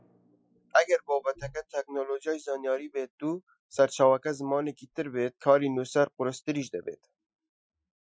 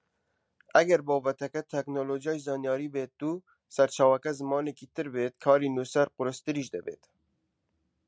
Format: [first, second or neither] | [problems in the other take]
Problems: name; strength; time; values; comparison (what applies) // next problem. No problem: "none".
second | noise reduction (classical method Wiener filter)